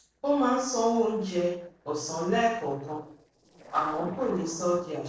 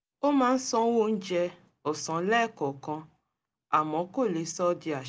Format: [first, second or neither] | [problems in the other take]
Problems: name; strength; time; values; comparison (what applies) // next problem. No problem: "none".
second | noise reduction (neural separator model SepFormer DNS4)